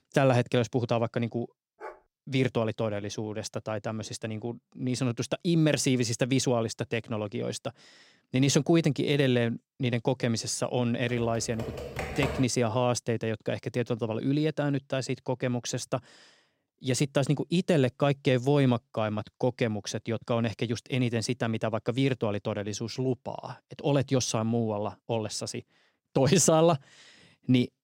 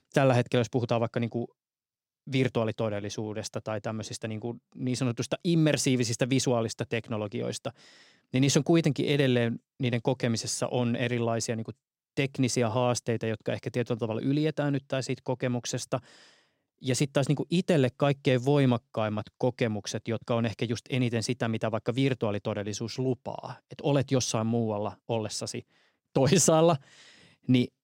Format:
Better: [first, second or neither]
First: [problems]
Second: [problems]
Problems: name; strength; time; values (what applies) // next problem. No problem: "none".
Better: second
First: dog barking; faint; at 2 s; peak 15 dB below the speech // keyboard typing; noticeable; from 11 to 12 s; peak 5 dB below the speech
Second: none